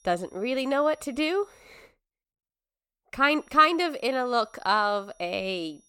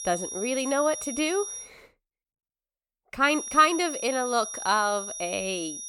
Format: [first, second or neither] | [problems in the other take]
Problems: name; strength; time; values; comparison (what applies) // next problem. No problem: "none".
first | high-pitched whine; loud; until 1.5 s and from 3.5 s on; 6 kHz, 8 dB below the speech; faint in the first